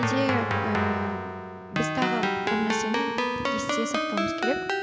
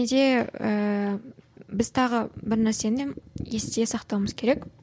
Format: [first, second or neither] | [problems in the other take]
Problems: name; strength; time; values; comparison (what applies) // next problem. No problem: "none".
second | background sound (Keyboard (musical)); 4 dB above the speech